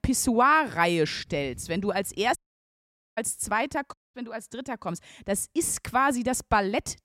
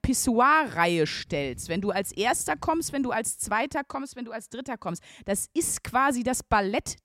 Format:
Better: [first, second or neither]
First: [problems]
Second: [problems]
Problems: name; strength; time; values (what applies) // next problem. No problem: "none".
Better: second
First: audio cutting out; at 2.5 s for 1 s and at 4 s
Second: none